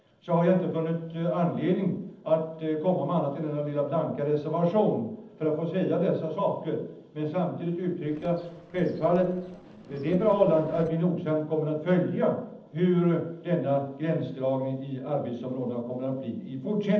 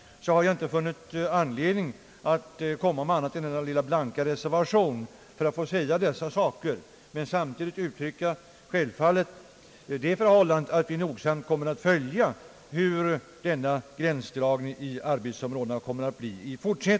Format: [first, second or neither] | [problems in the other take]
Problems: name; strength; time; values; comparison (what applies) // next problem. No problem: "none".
second | noise reduction (neural separator model SepFormer DNS4)